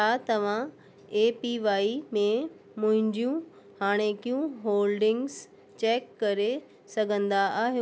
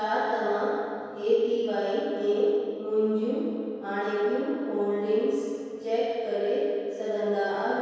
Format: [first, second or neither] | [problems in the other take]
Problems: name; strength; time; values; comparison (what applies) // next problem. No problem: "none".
first | room echo; dies away in 2.2 s